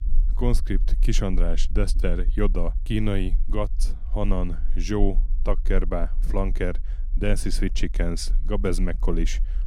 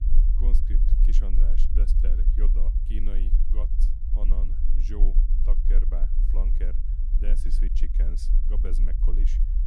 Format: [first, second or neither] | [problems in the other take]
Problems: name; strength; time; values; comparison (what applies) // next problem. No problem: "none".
first | low rumble; loud; throughout; 3 dB below the speech; faint in the first